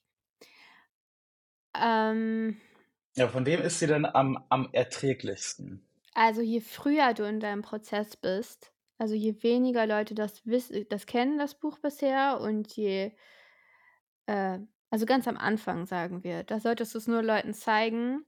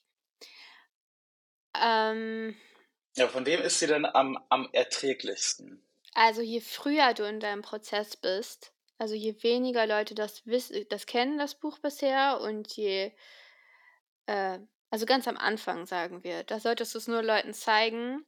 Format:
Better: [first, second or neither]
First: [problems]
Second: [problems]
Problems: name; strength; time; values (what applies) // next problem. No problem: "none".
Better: first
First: none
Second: thin; very slightly; fading below 300 Hz